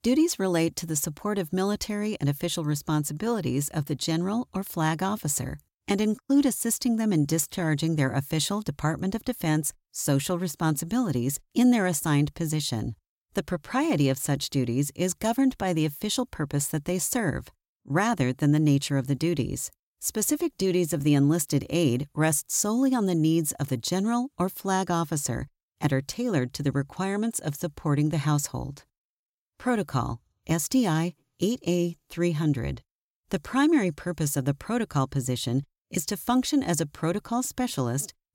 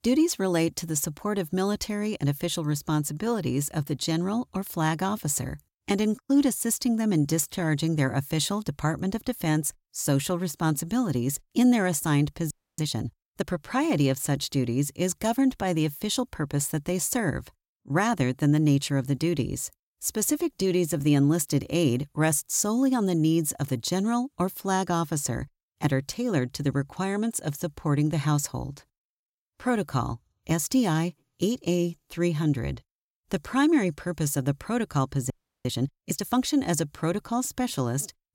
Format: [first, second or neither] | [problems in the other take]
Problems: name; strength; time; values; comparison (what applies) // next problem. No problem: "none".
first | audio freezing; at 13 s and at 35 s